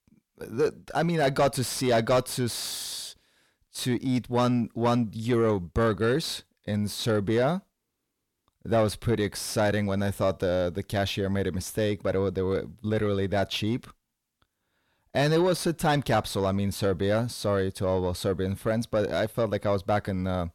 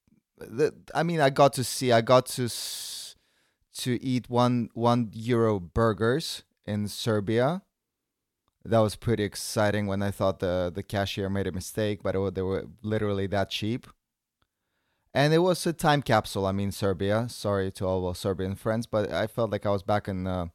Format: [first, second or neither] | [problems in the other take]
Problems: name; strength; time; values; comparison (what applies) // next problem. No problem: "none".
second | distortion; slight; 10 dB below the speech